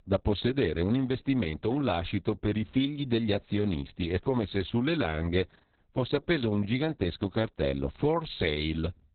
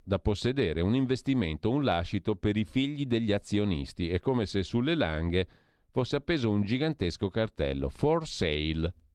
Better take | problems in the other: second | garbled, watery; badly; nothing above 4 kHz; slightly in the second

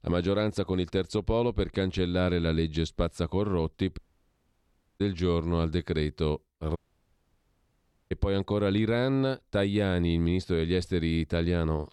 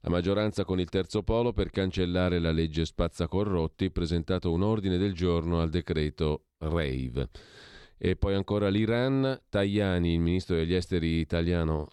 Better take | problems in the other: second | audio cutting out; at 4 s for 1 s and at 7 s for 1.5 s

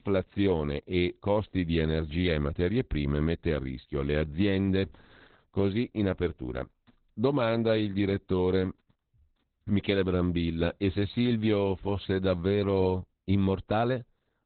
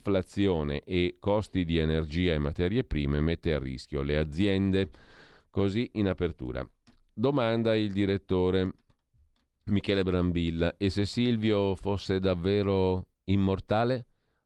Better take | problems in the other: second | garbled, watery; badly; nothing above 4 kHz; slightly in the second

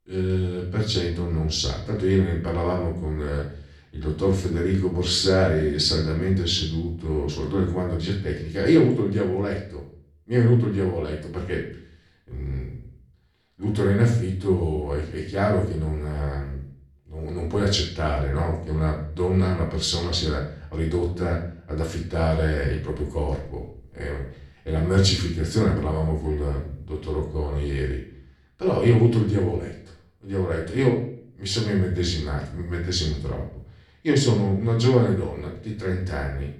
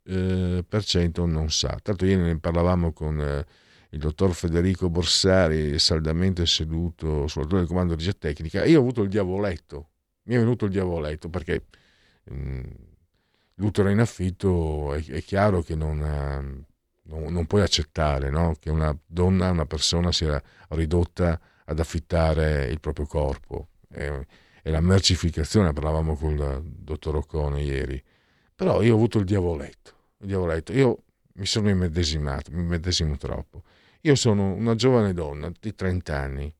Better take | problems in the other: second | off-mic speech; far // room echo; slight; dies away in 0.5 s

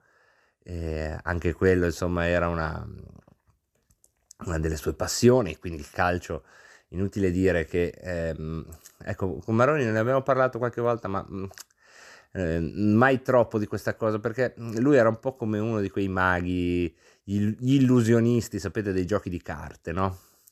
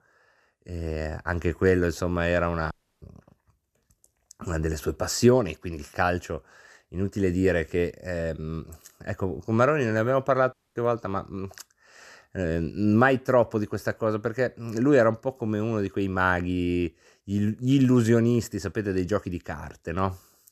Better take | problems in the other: first | audio cutting out; at 2.5 s and at 11 s

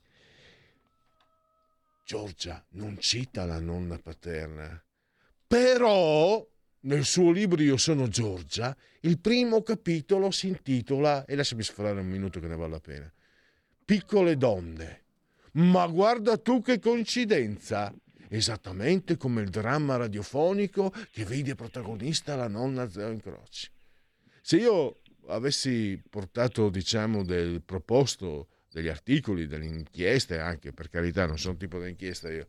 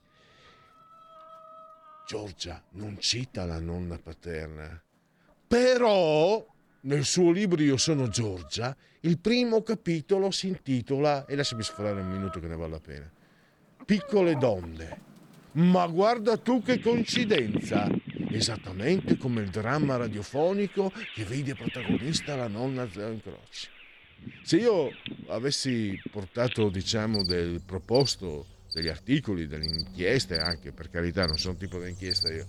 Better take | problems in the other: first | animal sounds; loud; throughout; 7 dB below the speech; faint in the first

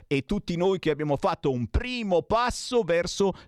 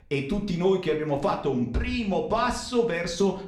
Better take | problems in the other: first | room echo; slight; dies away in 0.5 s // off-mic speech; somewhat distant

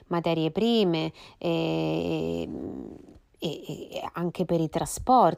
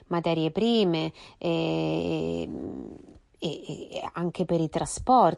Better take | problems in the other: first | garbled, watery; slightly; nothing above 9.5 kHz

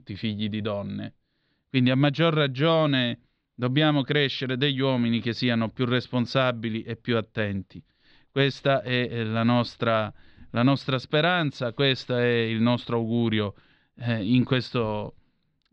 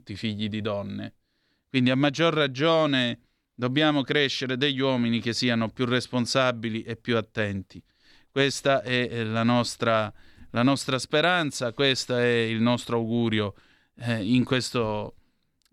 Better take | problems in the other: second | muffled; very slightly; fading above 4 kHz

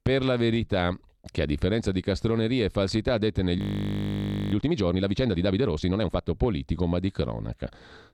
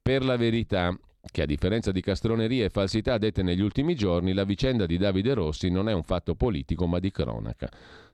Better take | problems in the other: second | audio freezing; at 3.5 s for 1 s

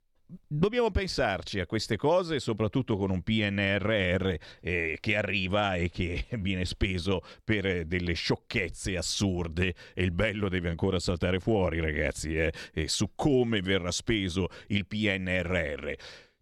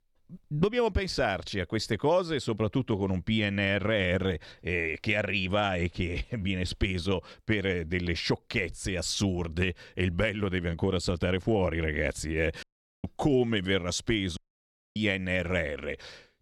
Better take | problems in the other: first | audio cutting out; at 13 s and at 14 s for 0.5 s

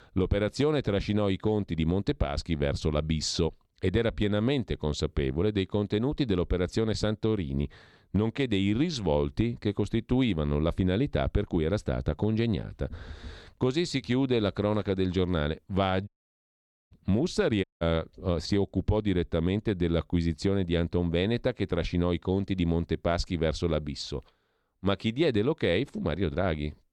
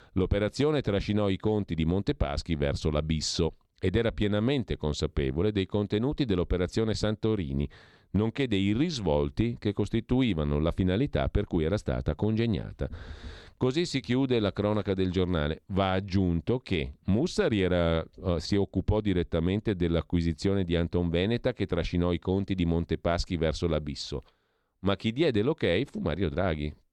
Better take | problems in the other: second | audio cutting out; at 16 s for 1 s and at 18 s

